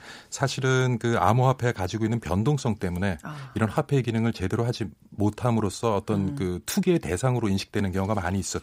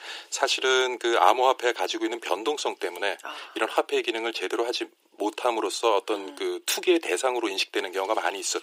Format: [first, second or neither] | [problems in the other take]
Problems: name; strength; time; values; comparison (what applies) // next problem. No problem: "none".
first | thin; very; fading below 350 Hz